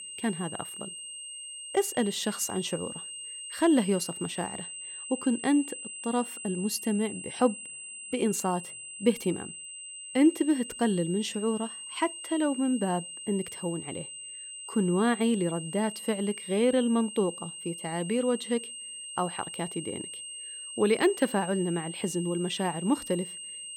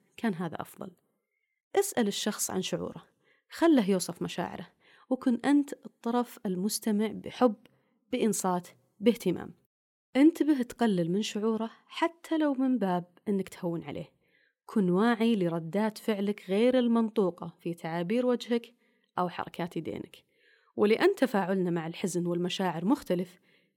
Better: second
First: high-pitched whine; loud; throughout; 8.5 kHz, 9 dB below the speech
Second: none

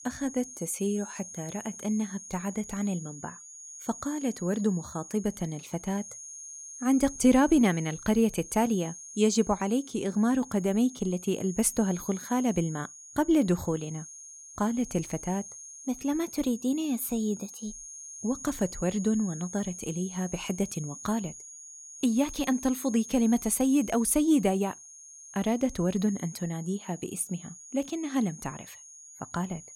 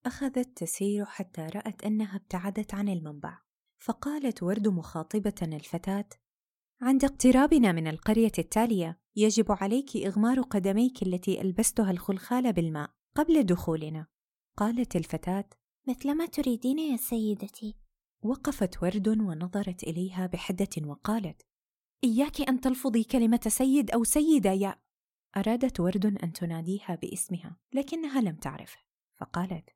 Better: second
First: high-pitched whine; noticeable; throughout; 6.5 kHz, 15 dB below the speech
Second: none

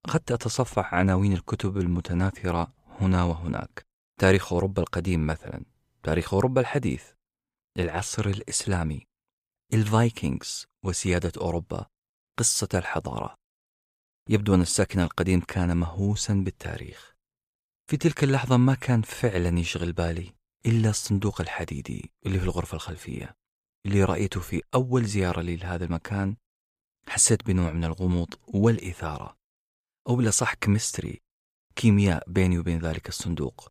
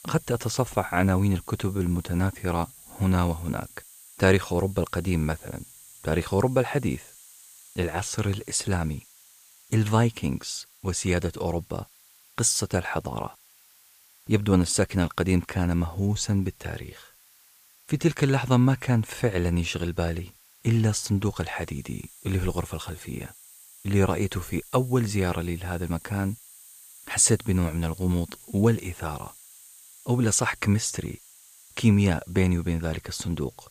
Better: first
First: none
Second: hiss; faint; throughout; 20 dB below the speech

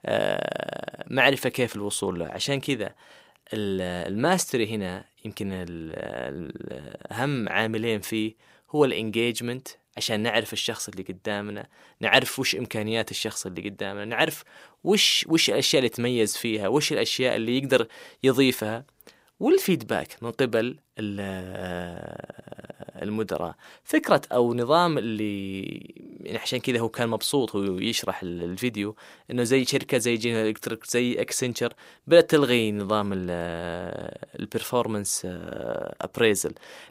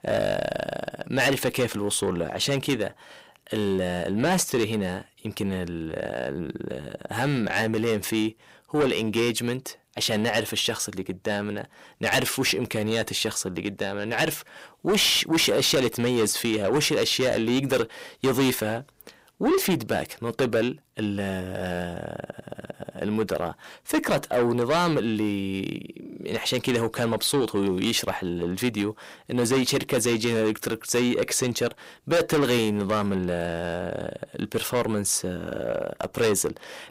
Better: first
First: none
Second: distortion; heavy; 7 dB below the speech

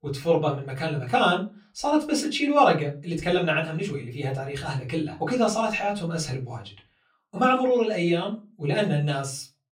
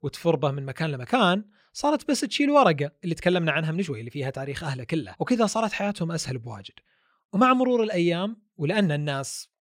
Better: second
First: off-mic speech; far // room echo; very slight; dies away in 0.2 s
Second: none

